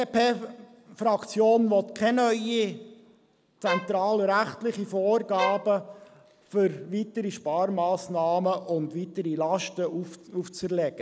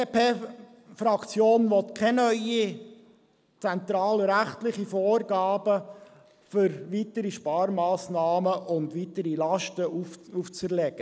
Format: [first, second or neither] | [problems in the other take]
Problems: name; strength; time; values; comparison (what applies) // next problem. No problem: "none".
second | background sound (Bowed string instrument); 7 dB below the speech